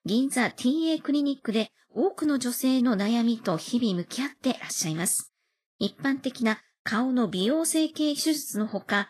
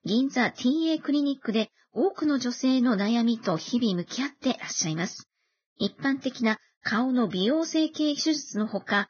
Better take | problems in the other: first | garbled, watery; badly; nothing above 6.5 kHz; slightly in the first

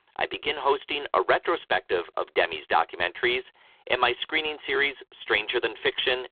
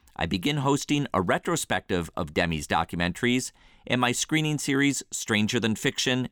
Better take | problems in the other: second | phone-call audio; poor line; nothing above 3.5 kHz

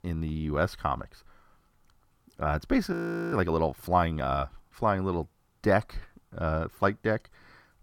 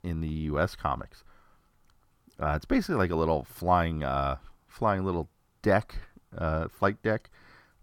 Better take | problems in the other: second | audio freezing; at 3 s

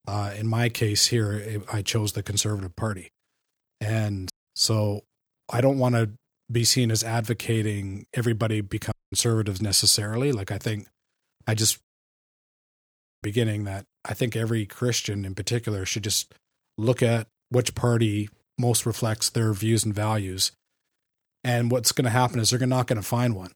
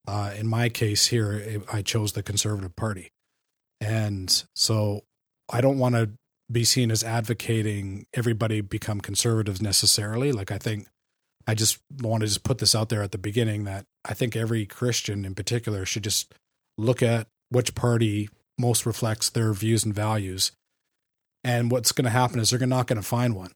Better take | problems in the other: second | audio cutting out; at 4.5 s, at 9 s and at 12 s for 1.5 s

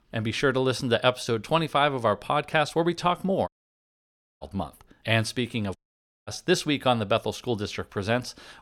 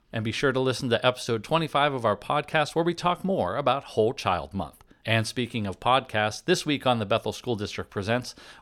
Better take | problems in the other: second | audio cutting out; at 3.5 s for 1 s and at 6 s for 0.5 s

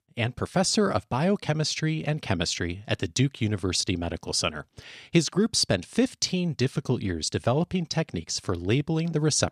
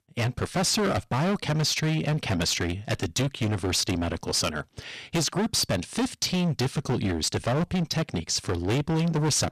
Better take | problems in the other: first | distortion; heavy; 23% of the sound clipped

